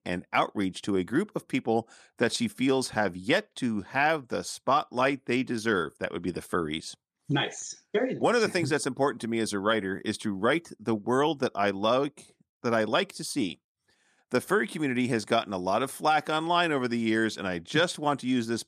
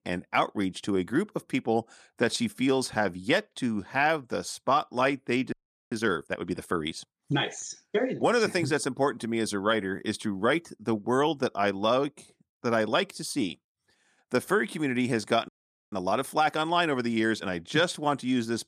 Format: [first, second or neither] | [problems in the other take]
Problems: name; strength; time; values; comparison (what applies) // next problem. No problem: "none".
first | audio freezing; at 5.5 s and at 15 s